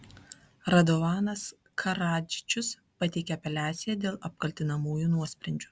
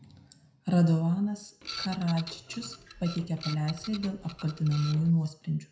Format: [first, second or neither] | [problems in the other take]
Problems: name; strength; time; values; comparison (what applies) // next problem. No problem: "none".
first | background sound (Printer); 14 dB below the speech // room echo; dies away in 0.4 s